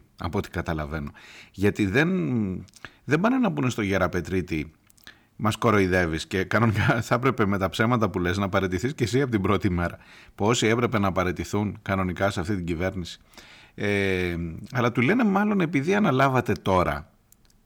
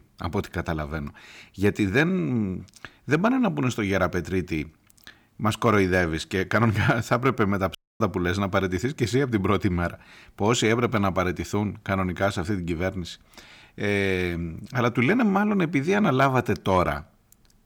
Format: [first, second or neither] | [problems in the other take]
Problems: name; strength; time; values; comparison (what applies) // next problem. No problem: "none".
first | audio cutting out; at 8 s